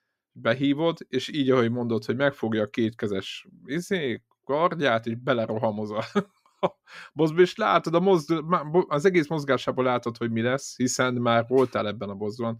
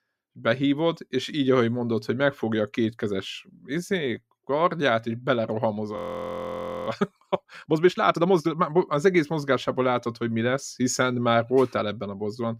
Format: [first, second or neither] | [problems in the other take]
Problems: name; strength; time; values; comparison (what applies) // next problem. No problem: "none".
first | audio freezing; at 6 s for 1 s